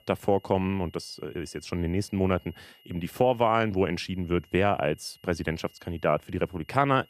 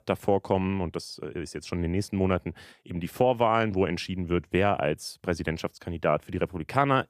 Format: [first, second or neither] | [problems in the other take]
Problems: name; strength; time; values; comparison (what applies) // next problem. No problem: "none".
second | high-pitched whine; faint; throughout; 3 kHz, 30 dB below the speech